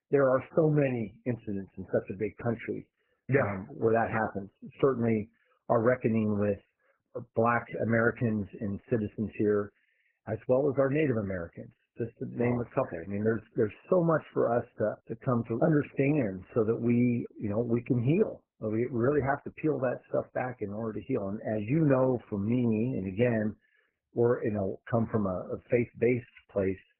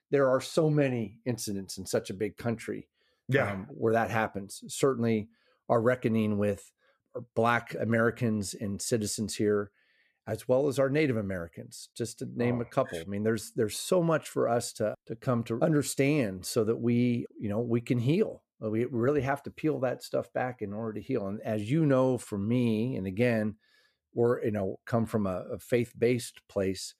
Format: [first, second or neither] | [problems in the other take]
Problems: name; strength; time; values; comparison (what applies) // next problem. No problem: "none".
second | garbled, watery; badly; nothing above 2.5 kHz